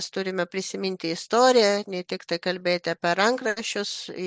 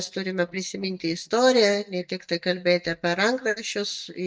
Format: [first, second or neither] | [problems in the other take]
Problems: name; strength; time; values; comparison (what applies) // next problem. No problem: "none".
first | noise reduction (neural mask model DeepFilterNet 3)